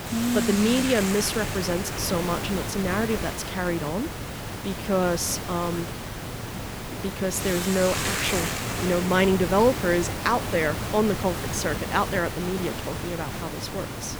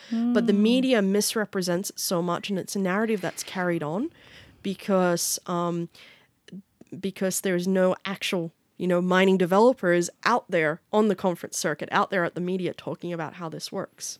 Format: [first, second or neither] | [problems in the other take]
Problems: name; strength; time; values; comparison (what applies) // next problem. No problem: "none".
second | hiss; loud; throughout; 4 dB below the speech